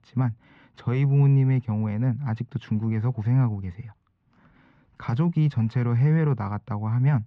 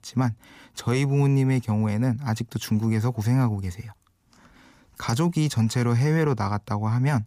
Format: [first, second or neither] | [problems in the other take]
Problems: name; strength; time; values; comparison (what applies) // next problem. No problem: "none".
second | muffled; very; fading above 3 kHz